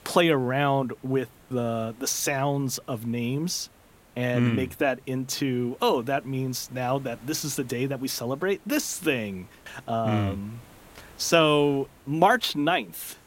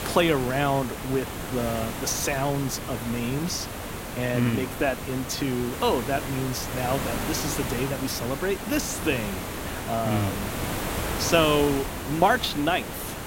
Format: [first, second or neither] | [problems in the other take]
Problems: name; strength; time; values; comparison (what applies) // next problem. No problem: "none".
first | hiss; loud; throughout; 5 dB below the speech; faint in the first